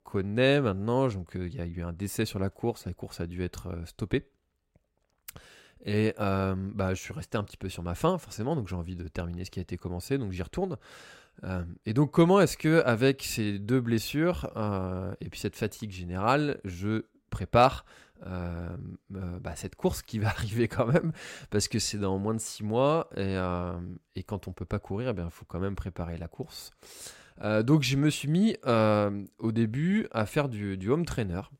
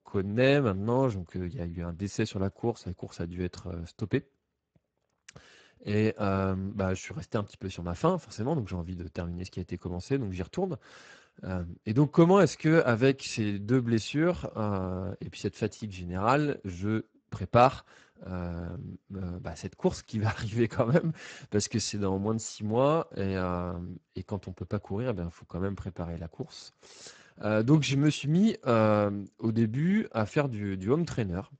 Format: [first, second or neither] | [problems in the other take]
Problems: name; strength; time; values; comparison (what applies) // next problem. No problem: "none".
first | garbled, watery; badly; nothing above 8 kHz